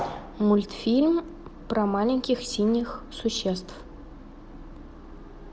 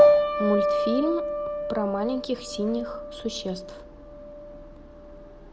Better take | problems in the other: first | background sound (Piano); 4 dB above the speech

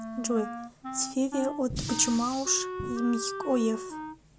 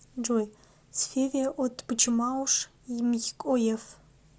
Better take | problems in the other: second | background sound (Fire + Wind instrument, woodwind instrument); 7 dB below the speech

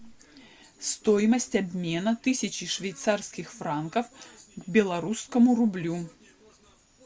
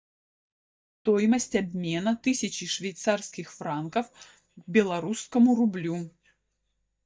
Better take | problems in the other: first | noise reduction (neural mask model DeepFilterNet 3)

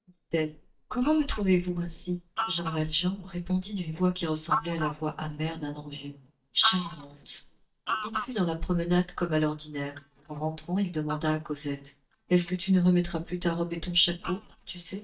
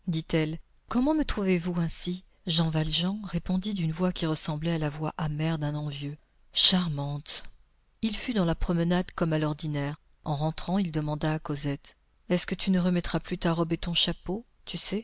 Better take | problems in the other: second | noise reduction (neural mask model DeepFilterNet 3)

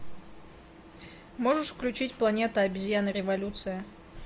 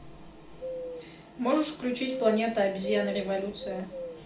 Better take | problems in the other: first | background sound (Bird vocalization, bird call, bird song); 10 dB below the speech // room echo; dies away in 0.4 s

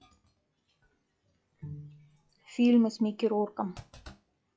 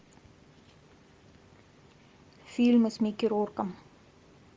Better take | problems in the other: second | noise reduction (classical method log-MMSE)

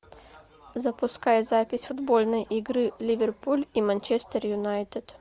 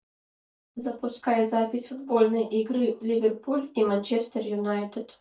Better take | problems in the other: first | noise reduction (neural mask model DeepFilterNet 3)

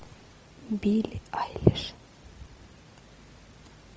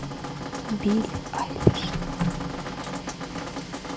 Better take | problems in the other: first | background sound (Drip + Printer); 2 dB below the speech

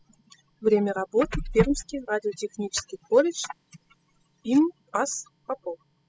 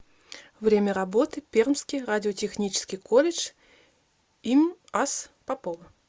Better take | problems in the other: second | noise reduction (classical method spectral subtraction)

